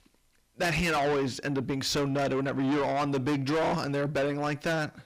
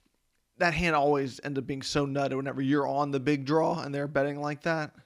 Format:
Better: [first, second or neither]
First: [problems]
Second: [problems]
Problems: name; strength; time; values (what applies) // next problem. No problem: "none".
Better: second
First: distortion; heavy; 6 dB below the speech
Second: none